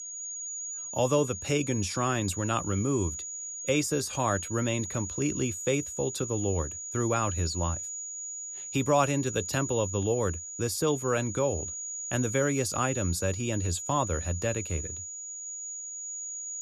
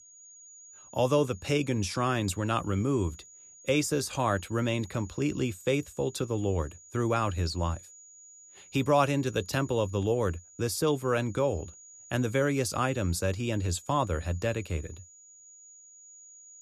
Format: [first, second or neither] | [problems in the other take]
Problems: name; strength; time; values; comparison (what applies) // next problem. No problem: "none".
second | high-pitched whine; loud; throughout; 7 kHz, 6 dB below the speech; faint in the second